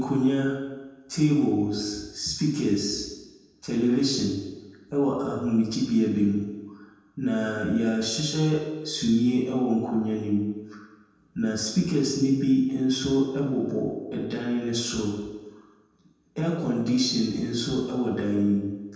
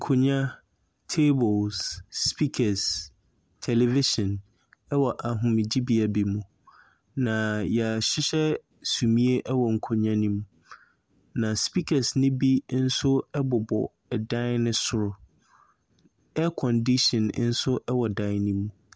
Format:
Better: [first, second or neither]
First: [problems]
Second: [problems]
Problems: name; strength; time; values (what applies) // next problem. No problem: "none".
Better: second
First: room echo; dies away in 1.1 s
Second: none